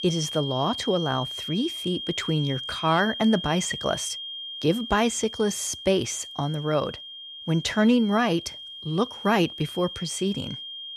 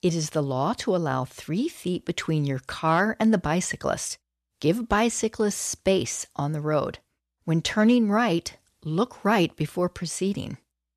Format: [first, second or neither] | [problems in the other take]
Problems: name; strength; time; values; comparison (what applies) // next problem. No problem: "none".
second | high-pitched whine; loud; throughout; 3 kHz, 8 dB below the speech